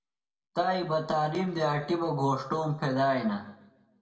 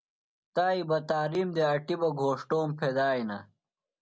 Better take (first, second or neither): second